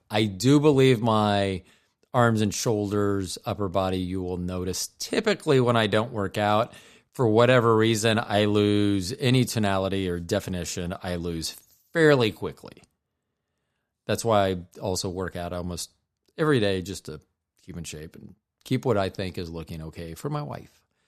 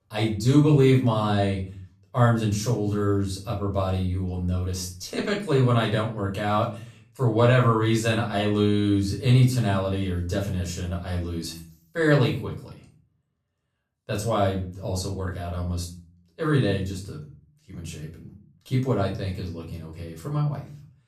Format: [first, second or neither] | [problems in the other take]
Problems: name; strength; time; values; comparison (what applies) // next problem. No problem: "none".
first | off-mic speech; far // room echo; slight; dies away in 0.5 s